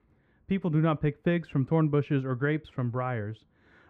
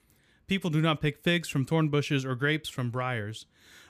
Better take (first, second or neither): second